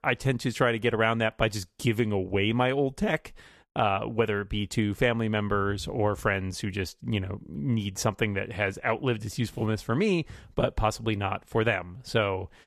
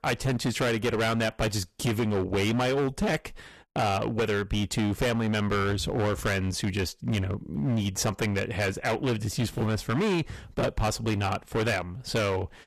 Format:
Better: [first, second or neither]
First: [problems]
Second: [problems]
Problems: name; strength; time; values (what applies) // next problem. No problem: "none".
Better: first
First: none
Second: distortion; heavy; 19% of the sound clipped